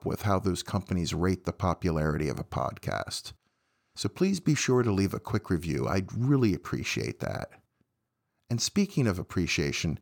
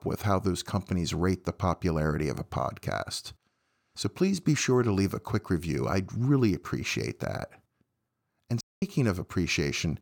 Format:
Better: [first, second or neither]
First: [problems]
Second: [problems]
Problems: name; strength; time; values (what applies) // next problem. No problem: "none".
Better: first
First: none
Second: audio cutting out; at 8.5 s